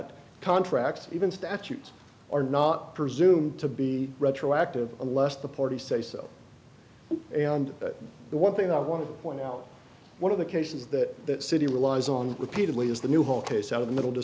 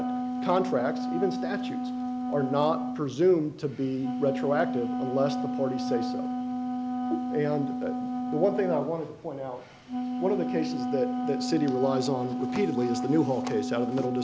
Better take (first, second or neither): first